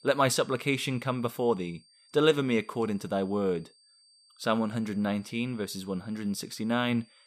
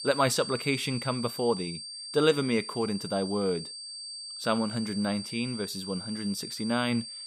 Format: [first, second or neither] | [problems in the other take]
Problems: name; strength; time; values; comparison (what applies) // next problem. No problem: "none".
first | high-pitched whine; loud; throughout; 4.5 kHz, 8 dB below the speech; faint in the first